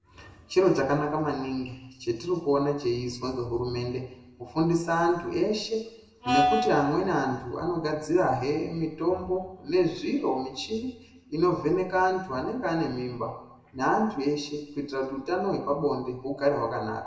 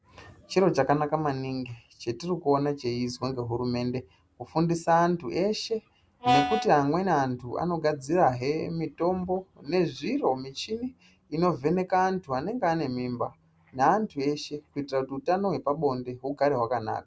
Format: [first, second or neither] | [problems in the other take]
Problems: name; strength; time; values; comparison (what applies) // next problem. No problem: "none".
second | room echo; dies away in 0.9 s